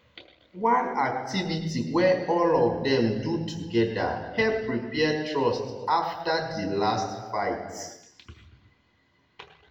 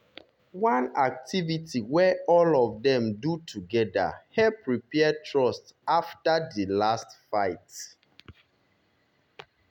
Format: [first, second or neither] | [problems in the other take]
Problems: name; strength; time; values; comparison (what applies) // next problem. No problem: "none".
second | room echo; dies away in 1.2 s